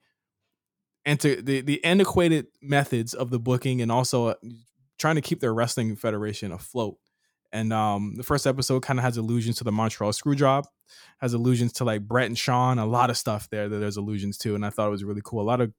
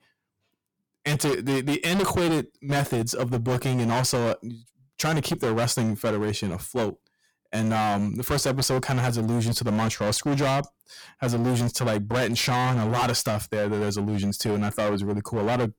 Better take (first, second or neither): first